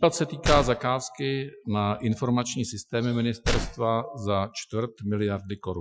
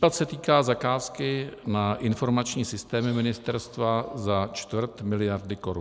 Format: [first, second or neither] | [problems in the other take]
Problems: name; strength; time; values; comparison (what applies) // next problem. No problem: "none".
second | noise reduction (classical method Wiener filter)